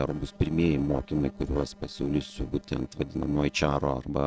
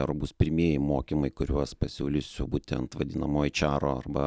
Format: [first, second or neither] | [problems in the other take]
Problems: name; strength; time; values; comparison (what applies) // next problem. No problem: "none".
second | noise reduction (neural separator model SepFormer DNS4)